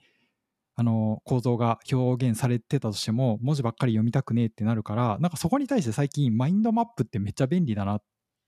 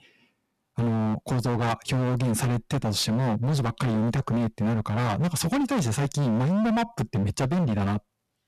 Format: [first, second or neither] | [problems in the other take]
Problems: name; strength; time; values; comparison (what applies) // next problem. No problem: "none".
first | distortion; heavy; 31% of the sound clipped